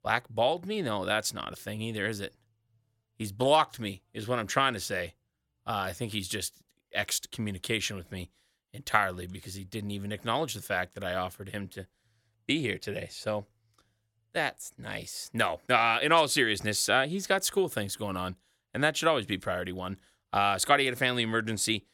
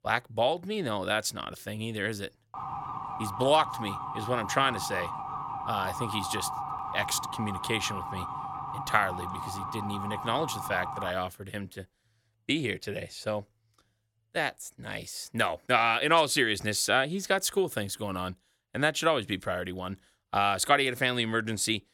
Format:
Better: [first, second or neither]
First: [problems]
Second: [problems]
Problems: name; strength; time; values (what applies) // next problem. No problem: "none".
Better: first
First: none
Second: siren; noticeable; from 2.5 to 11 s; peak 5 dB below the speech